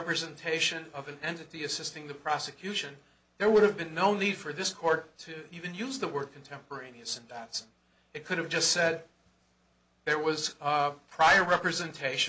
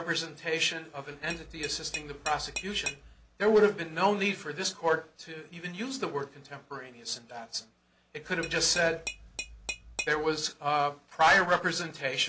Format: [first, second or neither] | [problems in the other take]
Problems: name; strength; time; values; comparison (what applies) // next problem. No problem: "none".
first | background sound (Tap / Glass); 11 dB below the speech